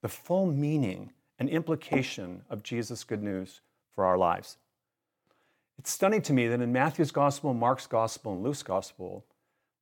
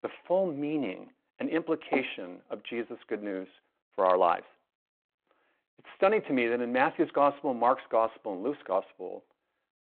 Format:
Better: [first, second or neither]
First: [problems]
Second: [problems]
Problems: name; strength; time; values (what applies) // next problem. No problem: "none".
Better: first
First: none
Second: phone-call audio; nothing above 3.5 kHz